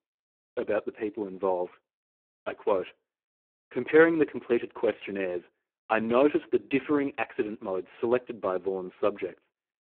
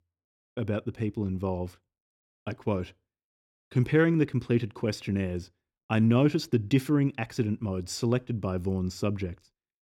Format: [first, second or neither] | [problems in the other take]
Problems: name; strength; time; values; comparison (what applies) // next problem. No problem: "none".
second | phone-call audio; poor line